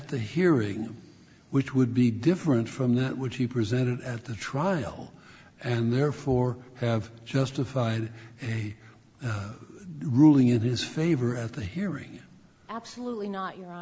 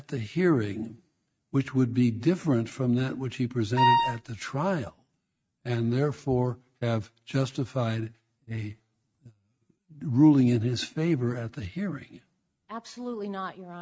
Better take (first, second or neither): first